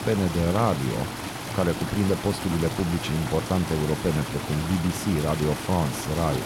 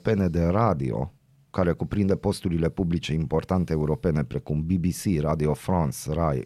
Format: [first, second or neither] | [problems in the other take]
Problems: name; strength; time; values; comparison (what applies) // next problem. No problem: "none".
second | rain or running water; loud; throughout; 6 dB below the speech